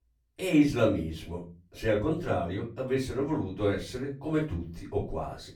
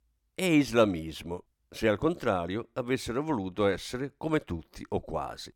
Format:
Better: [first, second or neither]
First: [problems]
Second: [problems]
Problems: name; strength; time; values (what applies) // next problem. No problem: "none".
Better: second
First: off-mic speech; far // room echo; slight; dies away in 0.4 s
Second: none